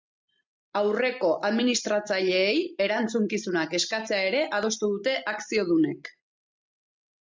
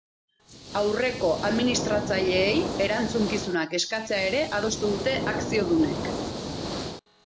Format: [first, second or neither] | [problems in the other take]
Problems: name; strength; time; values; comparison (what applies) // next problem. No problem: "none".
first | background sound (Hiss); 5 dB below the speech